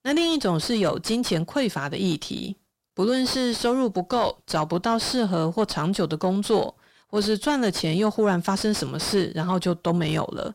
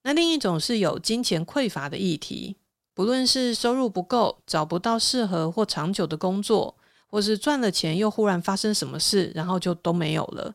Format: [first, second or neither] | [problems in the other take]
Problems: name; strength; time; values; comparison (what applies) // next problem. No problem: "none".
second | distortion; slight; 10 dB below the speech